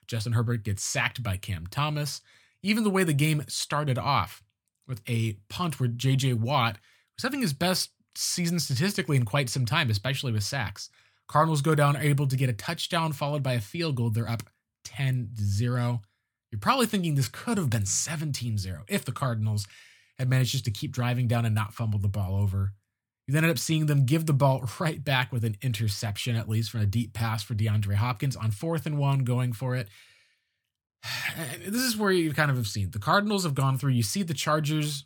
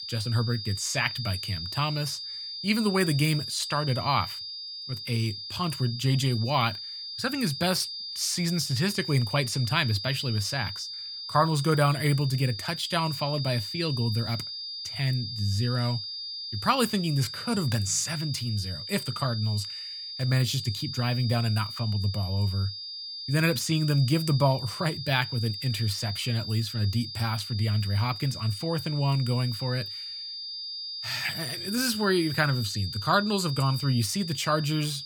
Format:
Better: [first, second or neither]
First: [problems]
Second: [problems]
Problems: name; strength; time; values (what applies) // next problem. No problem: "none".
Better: first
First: none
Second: high-pitched whine; loud; throughout; 5 kHz, 7 dB below the speech